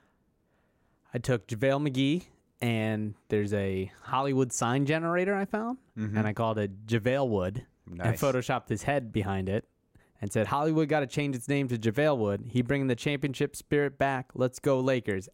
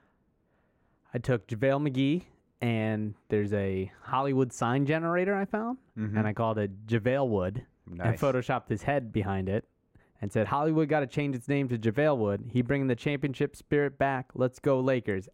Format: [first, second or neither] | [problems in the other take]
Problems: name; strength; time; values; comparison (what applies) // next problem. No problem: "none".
first | muffled; slightly; fading above 3.5 kHz